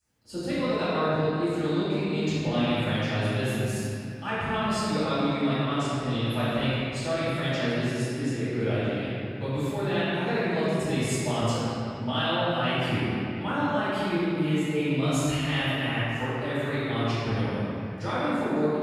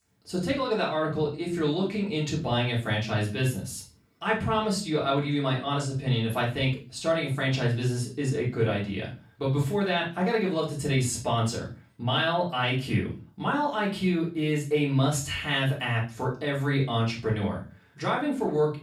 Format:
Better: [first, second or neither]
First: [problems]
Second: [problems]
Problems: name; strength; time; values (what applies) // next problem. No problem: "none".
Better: second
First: room echo; strong; dies away in 2.6 s // off-mic speech; far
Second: room echo; slight; dies away in 0.3 s // off-mic speech; far